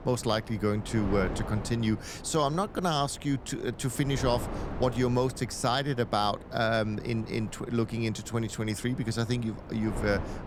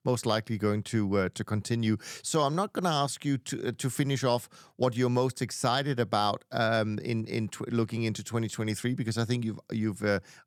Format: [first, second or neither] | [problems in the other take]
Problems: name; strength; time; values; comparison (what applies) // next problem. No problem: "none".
second | wind noise on the microphone; occasional gusts; 15 dB below the speech